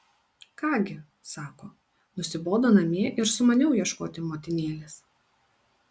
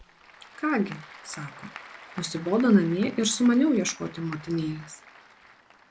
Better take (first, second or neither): first